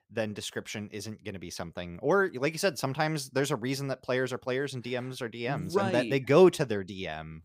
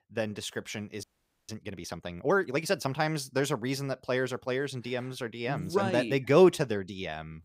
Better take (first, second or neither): first